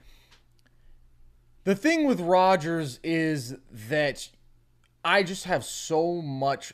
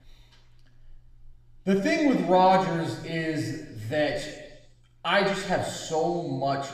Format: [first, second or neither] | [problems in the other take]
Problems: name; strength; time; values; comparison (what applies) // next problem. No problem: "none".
first | room echo; noticeable; dies away in 1.1 s // off-mic speech; somewhat distant